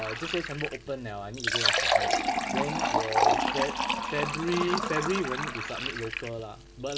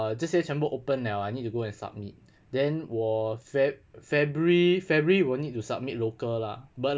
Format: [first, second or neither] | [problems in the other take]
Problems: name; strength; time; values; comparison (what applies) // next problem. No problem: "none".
second | background sound (Fill (with liquid)); 5 dB above the speech